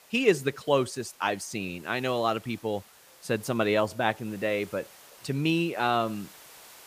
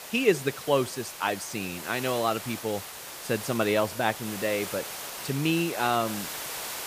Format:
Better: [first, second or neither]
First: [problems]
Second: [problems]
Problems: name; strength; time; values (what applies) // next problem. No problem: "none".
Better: first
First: hiss; faint; throughout; 25 dB below the speech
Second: hiss; loud; throughout; 8 dB below the speech